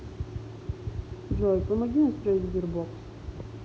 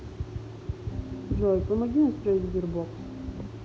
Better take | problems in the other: first | background sound (Piano); 11 dB below the speech

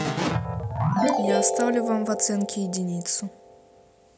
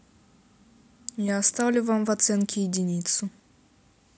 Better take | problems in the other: second | background sound (Keyboard (musical)); 1 dB above the speech

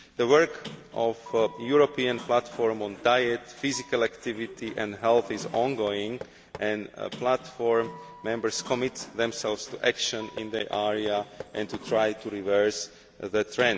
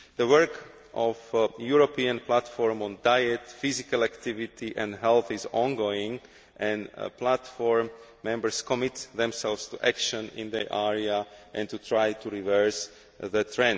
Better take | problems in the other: second | background sound (Sliding door + Knock); 18 dB below the speech

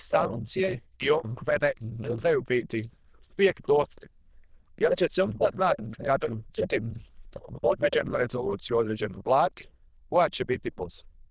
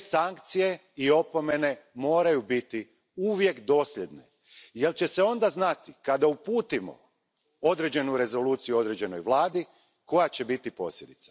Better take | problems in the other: second | noise reduction (neural diffusion model UNIVERSE++)

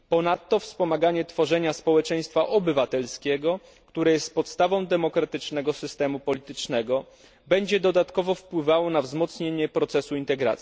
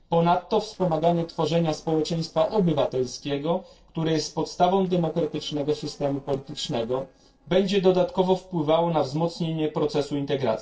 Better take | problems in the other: first | noise reduction (neural separator model SepFormer DNS4)

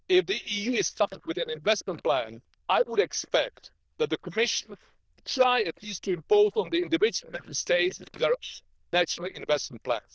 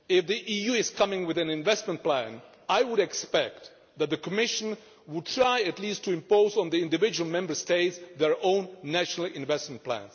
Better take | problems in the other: second | noise reduction (neural diffusion model UNIVERSE++)

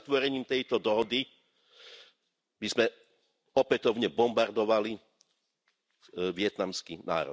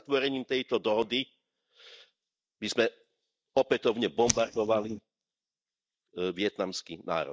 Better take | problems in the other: first | noise reduction (neural mask model DeepFilterNet 3)

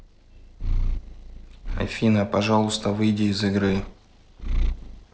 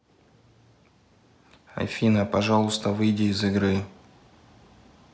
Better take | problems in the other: second | noise reduction (neural separator model SepFormer DNS4)

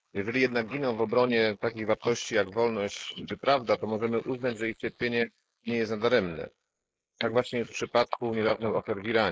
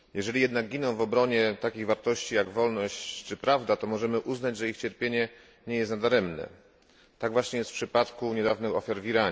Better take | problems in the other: second | noise reduction (neural mask model Resemble Enhance denoiser)

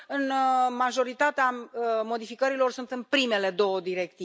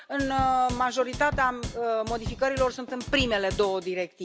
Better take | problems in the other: first | background sound (Drum / Drum kit); 10 dB below the speech

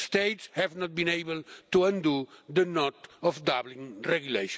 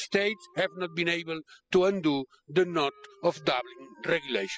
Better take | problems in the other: first | noise reduction (classical method spectral subtraction)

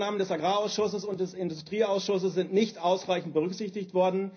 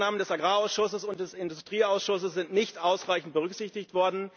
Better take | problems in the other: second | room echo; dies away in 0.5 s

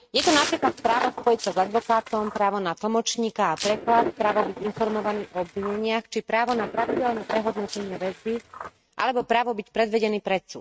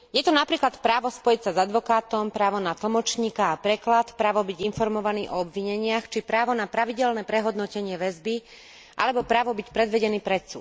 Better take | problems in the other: second | noise reduction (neural mask model RNNoise)

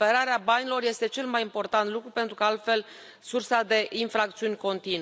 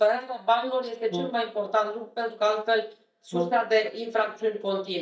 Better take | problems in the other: first | noise reduction (neural mask model DeepFilterNet 3)

